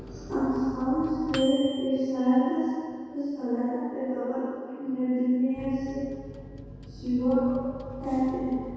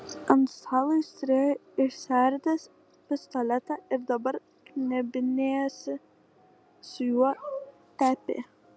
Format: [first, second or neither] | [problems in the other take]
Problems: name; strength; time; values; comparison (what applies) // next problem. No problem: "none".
second | background sound (Microwave oven); 16 dB below the speech // room echo; dies away in 2 s